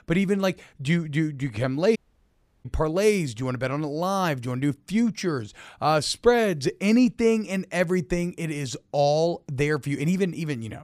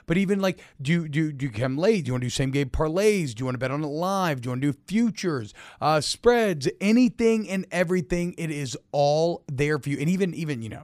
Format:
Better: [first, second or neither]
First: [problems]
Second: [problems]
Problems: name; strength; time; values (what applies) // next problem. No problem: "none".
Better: second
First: audio cutting out; at 2 s for 0.5 s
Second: none